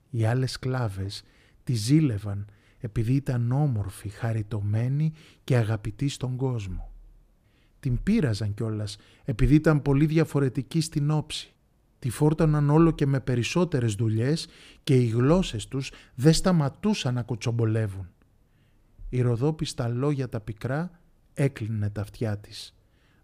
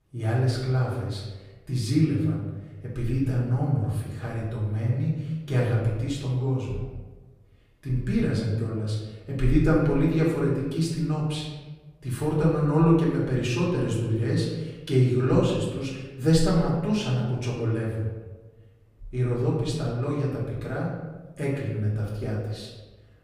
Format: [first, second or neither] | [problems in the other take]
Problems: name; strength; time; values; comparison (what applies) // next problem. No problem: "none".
first | room echo; noticeable; dies away in 1 s // off-mic speech; far